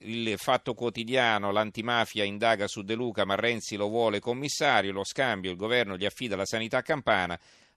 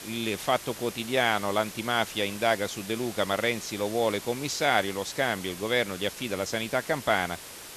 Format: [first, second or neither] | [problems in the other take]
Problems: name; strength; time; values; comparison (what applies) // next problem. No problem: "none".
first | hiss; noticeable; throughout; 10 dB below the speech